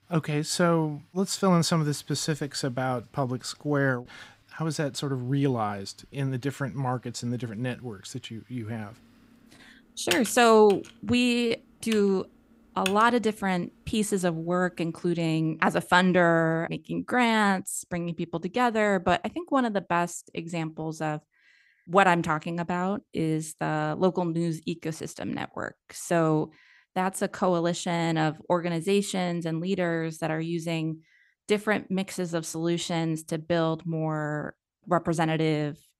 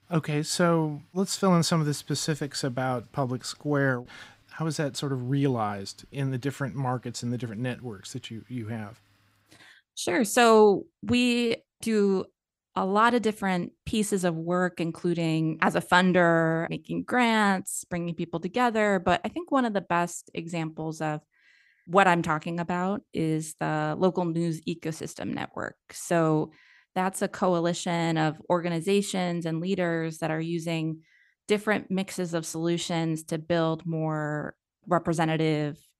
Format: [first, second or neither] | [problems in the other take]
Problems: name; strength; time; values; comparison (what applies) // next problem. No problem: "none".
second | keyboard typing; noticeable; from 10 to 13 s; peak 4 dB below the speech